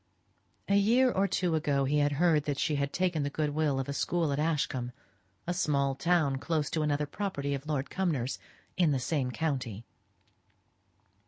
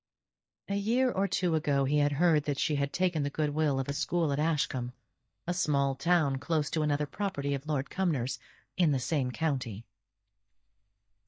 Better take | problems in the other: first | noise reduction (neural mask model DeepFilterNet 3)

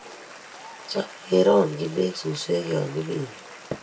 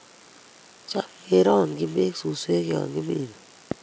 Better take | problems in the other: second | background sound (Applause / Cheering); 18 dB below the speech // room echo; dies away in 0.2 s

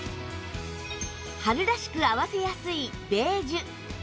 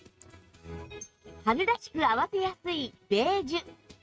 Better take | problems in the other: first | noise reduction (neural mask model RNNoise)

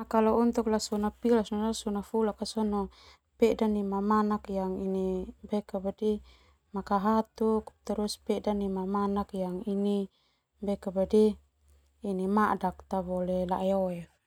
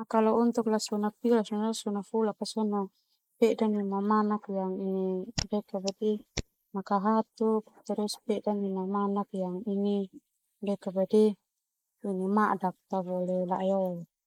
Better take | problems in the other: first | noise reduction (neural mask model Resemble Enhance denoiser)

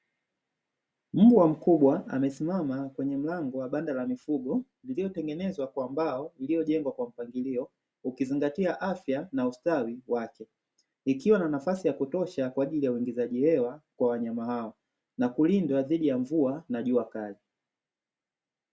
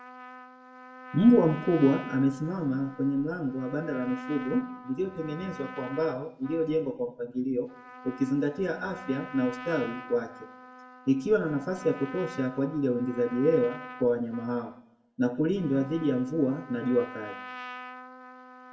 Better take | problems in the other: first | background sound (Trumpet); 16 dB below the speech // room echo; dies away in 0.6 s

